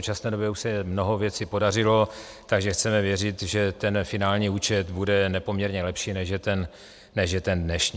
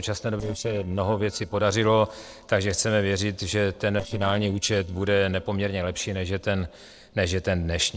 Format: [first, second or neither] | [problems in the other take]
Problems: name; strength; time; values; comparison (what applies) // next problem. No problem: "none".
first | noise reduction (neural separator model SepFormer DNS4)